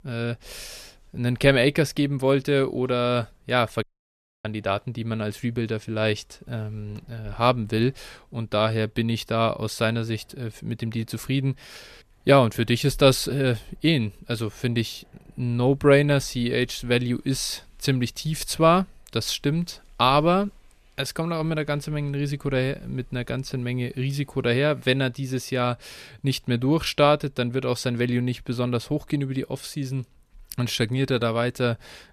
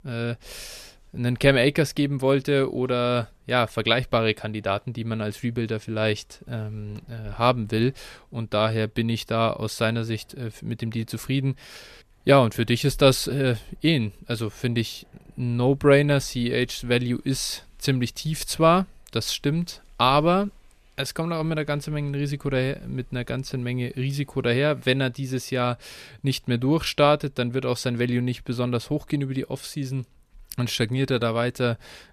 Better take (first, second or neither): second